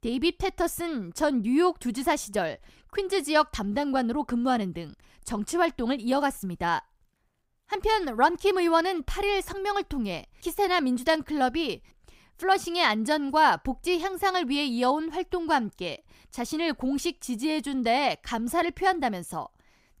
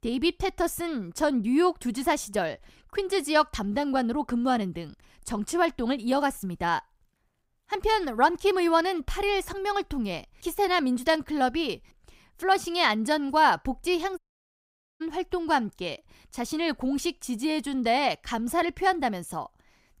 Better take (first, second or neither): first